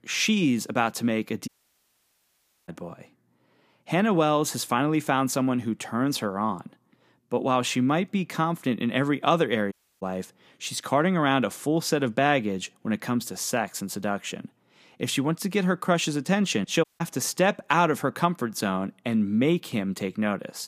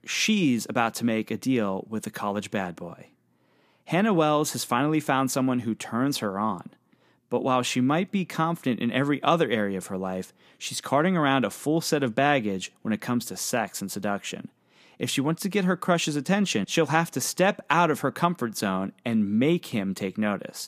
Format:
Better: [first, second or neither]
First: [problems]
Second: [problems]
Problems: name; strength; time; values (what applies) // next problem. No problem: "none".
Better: second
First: audio cutting out; at 1.5 s for 1 s, at 9.5 s and at 17 s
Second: none